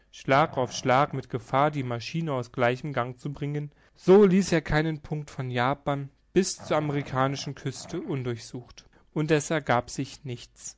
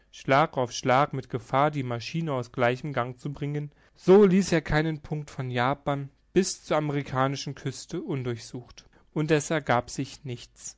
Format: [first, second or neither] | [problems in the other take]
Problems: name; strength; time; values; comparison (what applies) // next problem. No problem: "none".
second | background sound (Growling); 20 dB below the speech